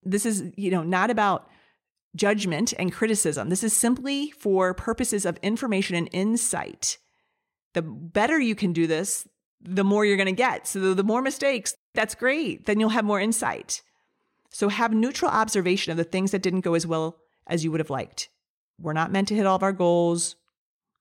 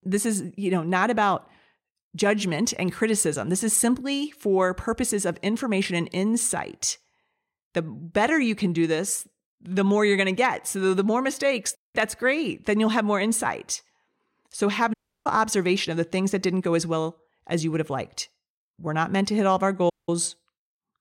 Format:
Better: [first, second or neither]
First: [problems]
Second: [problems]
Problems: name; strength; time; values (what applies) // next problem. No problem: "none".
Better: first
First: none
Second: audio cutting out; at 15 s and at 20 s